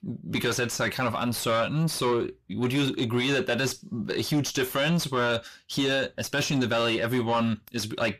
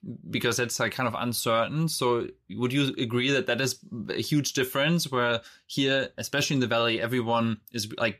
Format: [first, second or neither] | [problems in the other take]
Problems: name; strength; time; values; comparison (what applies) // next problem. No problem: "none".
second | distortion; slight; 10 dB below the speech